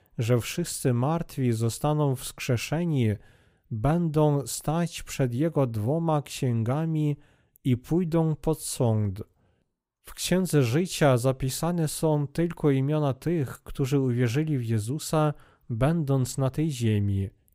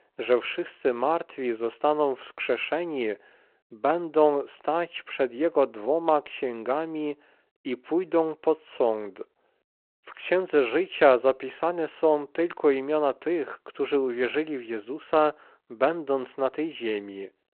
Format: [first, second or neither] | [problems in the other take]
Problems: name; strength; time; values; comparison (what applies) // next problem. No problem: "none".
first | phone-call audio